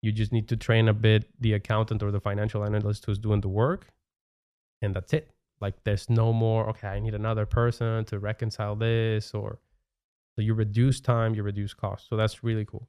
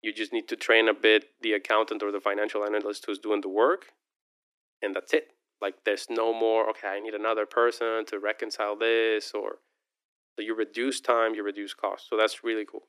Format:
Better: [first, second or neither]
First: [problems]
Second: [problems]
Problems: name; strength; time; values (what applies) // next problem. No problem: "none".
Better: first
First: none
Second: thin; very; fading below 300 Hz